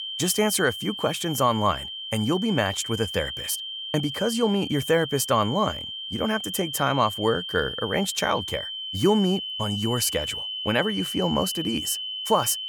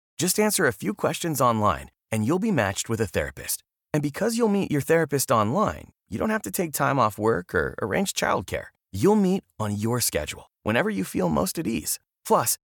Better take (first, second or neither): second